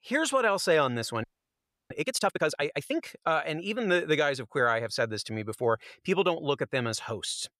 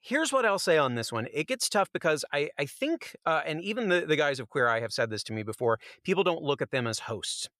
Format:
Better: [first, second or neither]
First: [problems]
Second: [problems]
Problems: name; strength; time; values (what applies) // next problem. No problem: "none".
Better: second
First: audio freezing; at 1 s for 0.5 s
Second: none